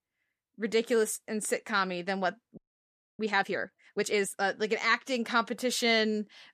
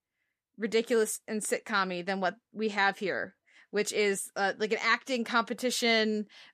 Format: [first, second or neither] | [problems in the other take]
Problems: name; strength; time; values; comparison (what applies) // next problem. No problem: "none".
second | audio freezing; at 2.5 s for 0.5 s